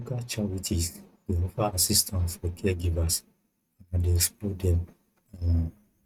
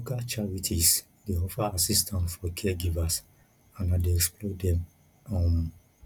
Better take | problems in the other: second | noise reduction (neural mask model RNNoise)

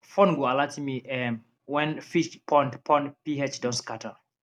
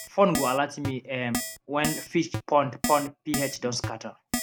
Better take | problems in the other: first | background sound (Keyboard (musical)); 7 dB below the speech

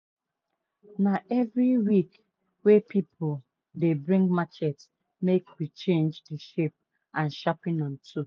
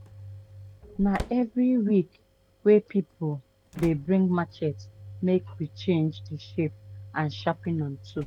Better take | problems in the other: first | background sound (Slam / Engine); 16 dB below the speech

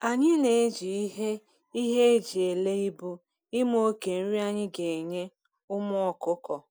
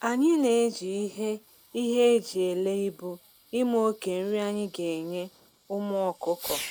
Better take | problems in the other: first | background sound (Fireworks); 19 dB below the speech

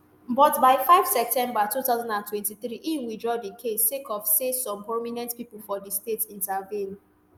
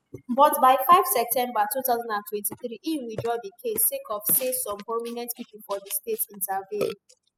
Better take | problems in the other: first | noise reduction (classical method spectral subtraction)

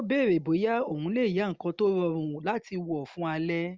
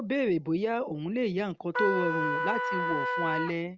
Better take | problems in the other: first | background sound (Trumpet); as loud as the speech

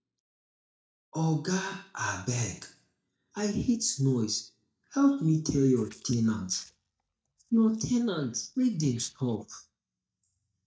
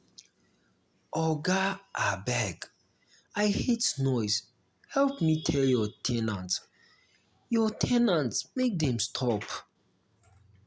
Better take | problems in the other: second | noise reduction (neural mask model DeepFilterNet 3)

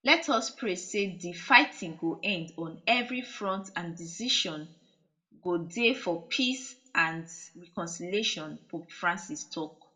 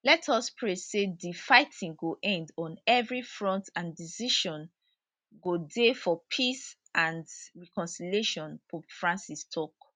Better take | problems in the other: second | room echo; dies away in 0.3 s

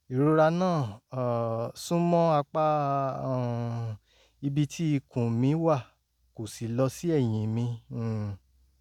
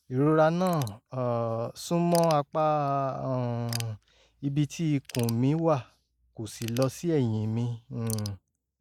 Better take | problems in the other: first | noise reduction (neural mask model Resemble Enhance denoiser)

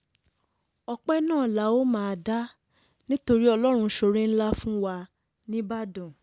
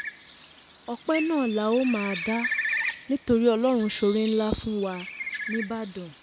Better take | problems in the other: first | background sound (Bird); 8 dB below the speech

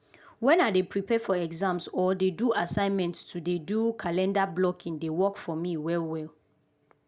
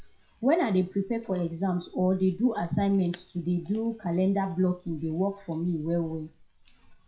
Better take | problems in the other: first | noise reduction (classical method WPE with log-MMSE)

